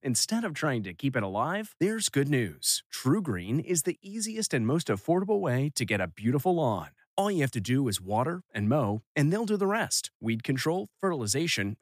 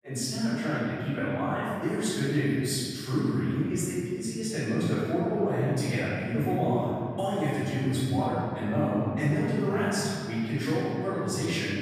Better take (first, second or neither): first